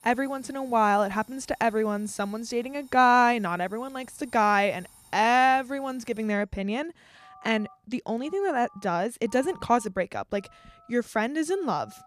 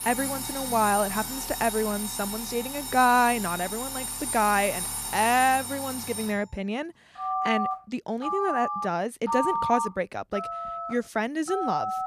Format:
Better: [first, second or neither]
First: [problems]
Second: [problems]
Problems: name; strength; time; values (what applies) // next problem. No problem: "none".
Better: first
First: alarms or sirens; faint; throughout; 25 dB below the speech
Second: alarms or sirens; loud; throughout; 4 dB below the speech